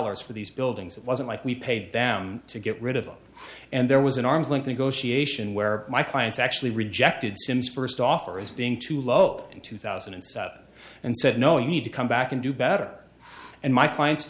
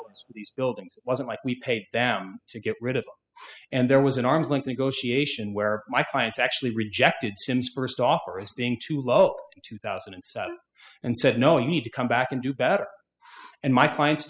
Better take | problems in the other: first | noise reduction (classical method spectral subtraction)

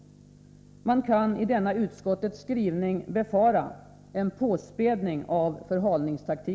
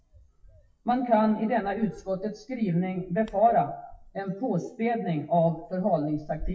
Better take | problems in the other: first | noise reduction (classical method WPE with log-MMSE)

